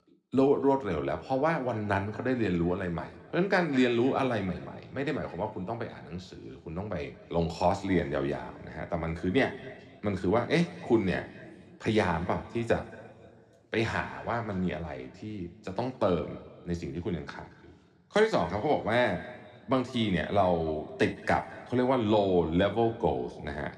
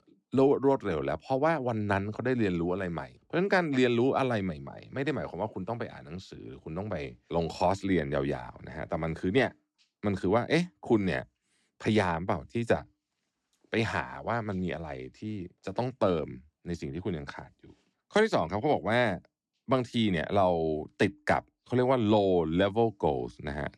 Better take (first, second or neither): second